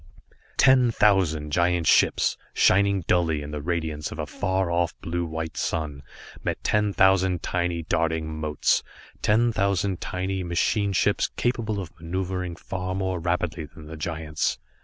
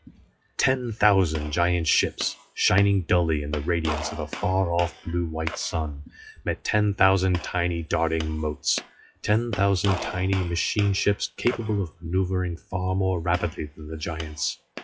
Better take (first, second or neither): first